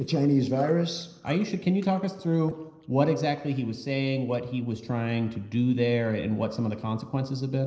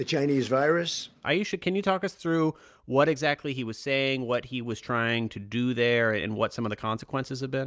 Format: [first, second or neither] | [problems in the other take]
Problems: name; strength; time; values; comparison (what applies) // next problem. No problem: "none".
second | noise reduction (neural separator model SepFormer DNS4)